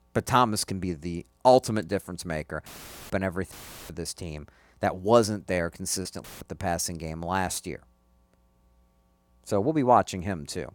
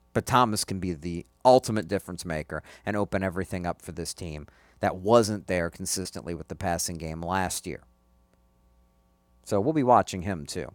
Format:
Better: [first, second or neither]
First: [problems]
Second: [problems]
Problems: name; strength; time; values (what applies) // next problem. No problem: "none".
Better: second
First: audio cutting out; filled with static; at 2.5 s, at 3.5 s and at 6 s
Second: none